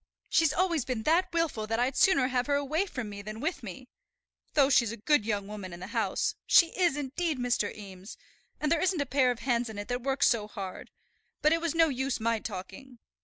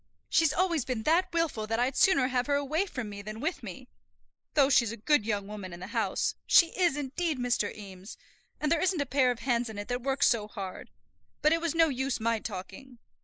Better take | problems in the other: first | noise reduction (neural mask model Resemble Enhance denoiser)

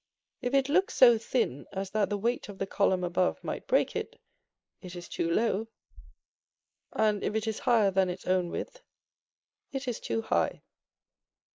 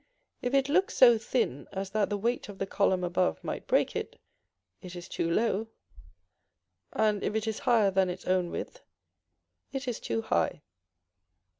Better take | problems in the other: second | noise reduction (neural mask model Resemble Enhance denoiser)

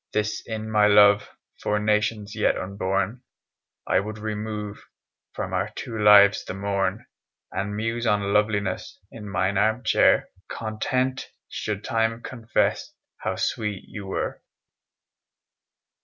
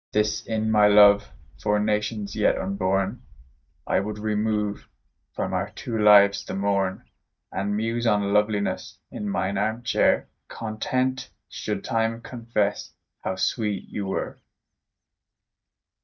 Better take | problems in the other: first | noise reduction (neural mask model DeepFilterNet 3)

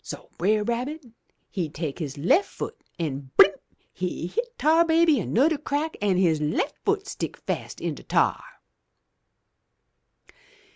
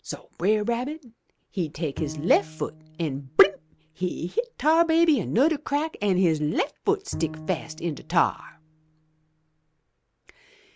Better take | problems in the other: first | background sound (Bowed string instrument); 15 dB below the speech

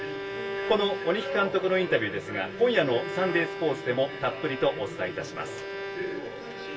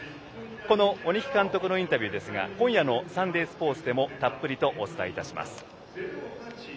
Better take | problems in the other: second | background sound (Bowed string instrument); 9 dB below the speech // room echo; dies away in 0.1 s

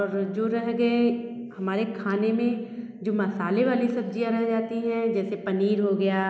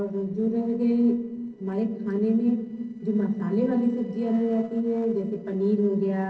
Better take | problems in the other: first | noise reduction (neural separator model SepFormer DNS4)

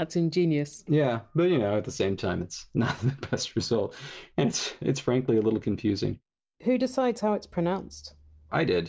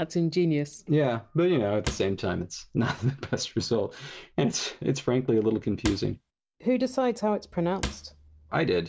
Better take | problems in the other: first | background sound (Cupboard open or close / Drawer open or close); 11 dB below the speech

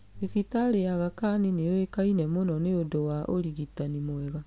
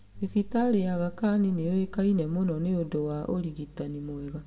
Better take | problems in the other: first | room echo; dies away in 2.1 s

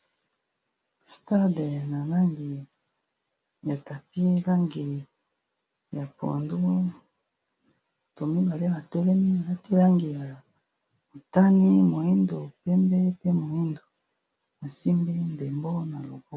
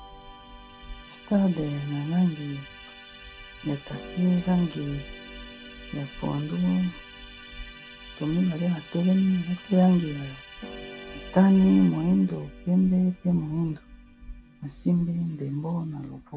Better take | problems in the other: first | background sound (Musical instrument + Harp); 17 dB below the speech

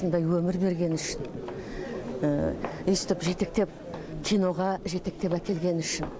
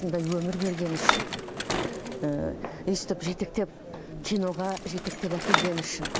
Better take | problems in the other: first | background sound (Bicycle); 2 dB below the speech

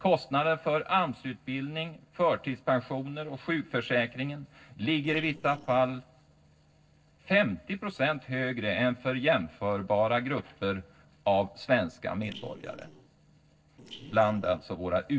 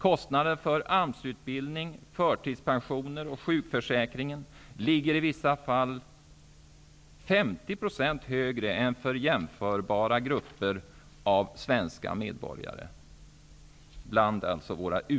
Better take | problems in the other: second | noise reduction (neural separator model SepFormer DNS4)

